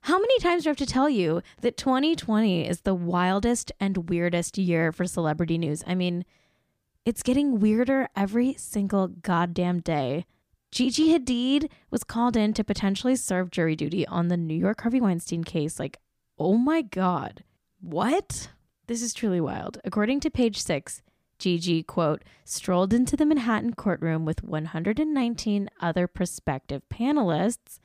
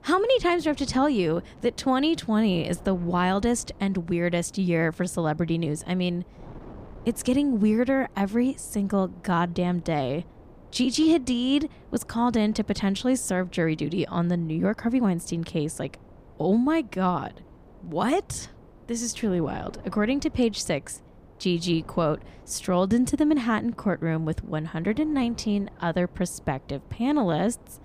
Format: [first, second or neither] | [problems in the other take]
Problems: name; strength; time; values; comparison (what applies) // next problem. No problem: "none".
first | wind noise on the microphone; occasional gusts; 25 dB below the speech